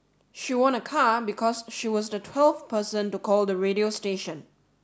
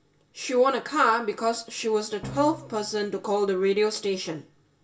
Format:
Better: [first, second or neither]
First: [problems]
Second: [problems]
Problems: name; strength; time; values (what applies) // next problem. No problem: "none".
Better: first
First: none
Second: background sound (Drum); 16 dB below the speech // room echo; dies away in 0.1 s